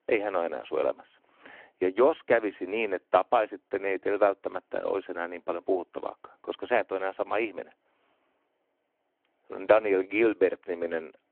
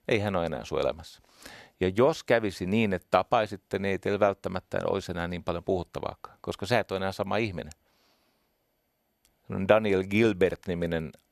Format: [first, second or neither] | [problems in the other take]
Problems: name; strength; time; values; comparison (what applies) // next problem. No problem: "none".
second | phone-call audio